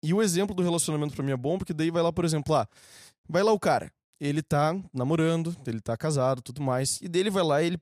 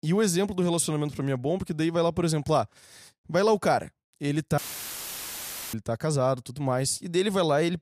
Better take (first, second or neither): first